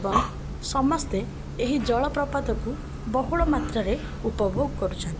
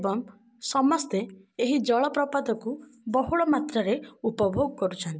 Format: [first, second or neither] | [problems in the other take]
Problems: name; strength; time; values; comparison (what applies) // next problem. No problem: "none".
second | background sound (Breathing); 4 dB below the speech